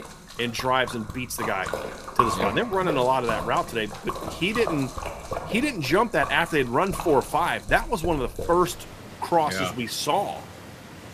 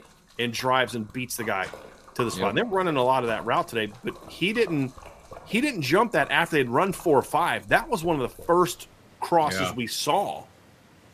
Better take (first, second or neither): second